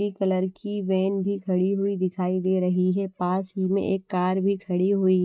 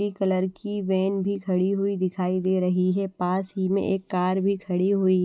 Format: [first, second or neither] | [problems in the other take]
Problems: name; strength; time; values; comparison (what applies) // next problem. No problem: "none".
second | noise reduction (neural mask model DeepFilterNet 3)